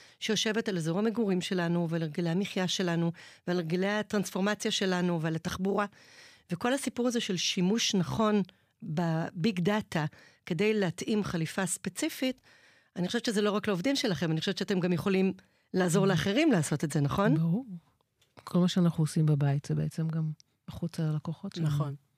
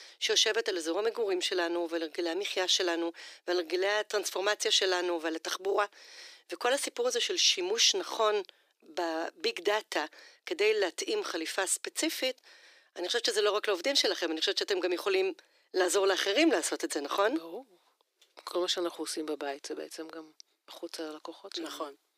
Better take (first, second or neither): first